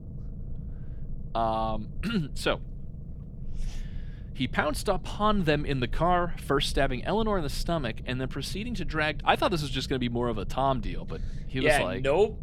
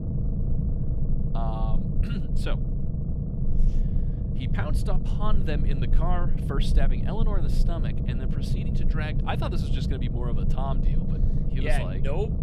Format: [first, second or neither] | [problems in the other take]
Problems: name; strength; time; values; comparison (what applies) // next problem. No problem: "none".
first | low rumble; loud; throughout; 4 dB below the speech; faint in the first